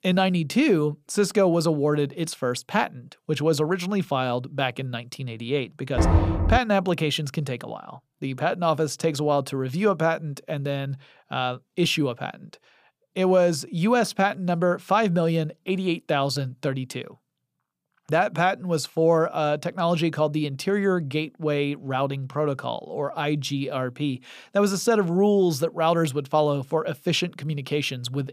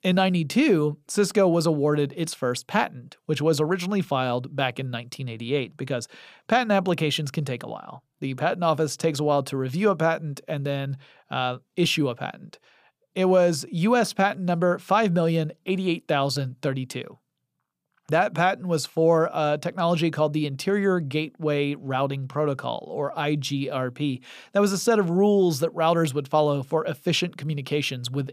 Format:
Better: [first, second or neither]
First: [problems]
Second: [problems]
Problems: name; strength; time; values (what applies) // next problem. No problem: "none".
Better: second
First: door banging; loud; at 6 s; peak 4 dB above the speech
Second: none